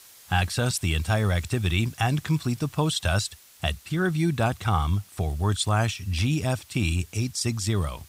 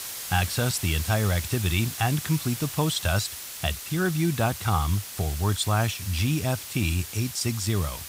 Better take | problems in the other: first | hiss; loud; throughout; 8 dB below the speech; faint in the first

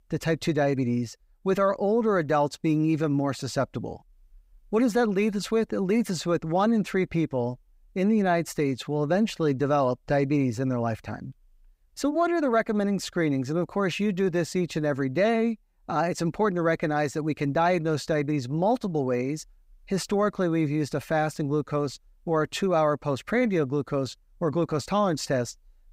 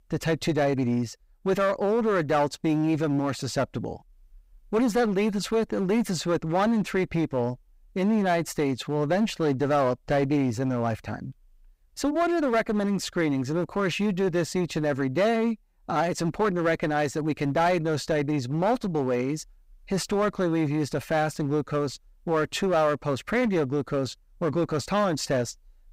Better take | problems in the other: first | distortion; slight; 9% of the sound clipped

